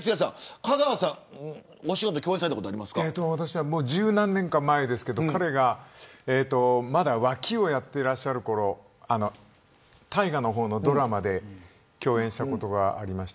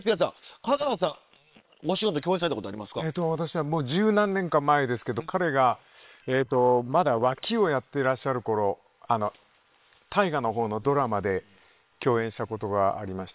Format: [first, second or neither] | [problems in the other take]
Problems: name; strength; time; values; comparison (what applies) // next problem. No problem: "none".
first | noise reduction (neural separator model SepFormer WHAM!)